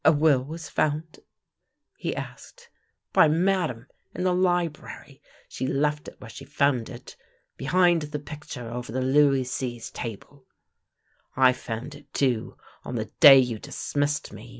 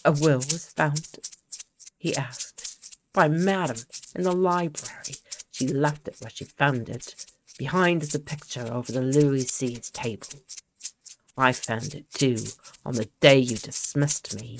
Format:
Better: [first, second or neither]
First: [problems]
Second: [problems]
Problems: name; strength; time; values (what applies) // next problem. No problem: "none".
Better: first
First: none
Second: noise reduction (neural mask model RNNoise)